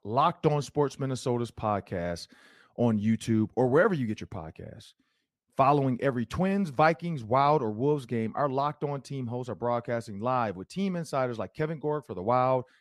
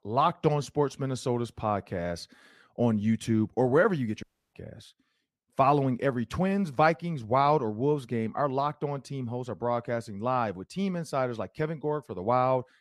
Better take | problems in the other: first | audio cutting out; at 4 s

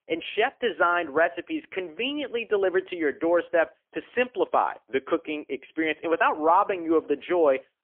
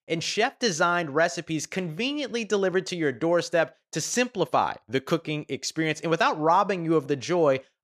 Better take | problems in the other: second | phone-call audio; poor line; nothing above 3 kHz

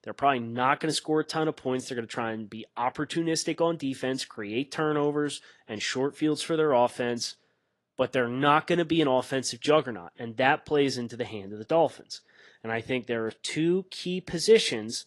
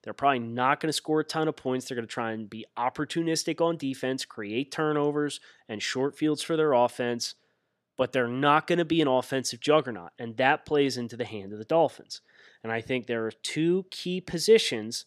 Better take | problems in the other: second | garbled, watery; slightly; nothing above 11 kHz

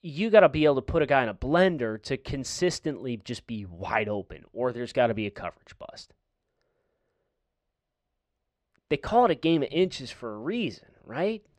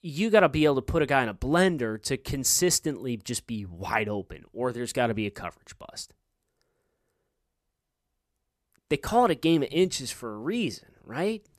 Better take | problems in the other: second | muffled; slightly; fading above 3.5 kHz

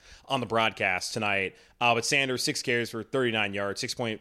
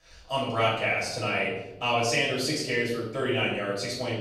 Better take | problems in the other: first | room echo; noticeable; dies away in 1 s // off-mic speech; far

